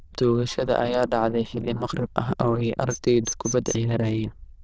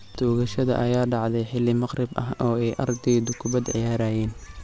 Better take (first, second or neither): second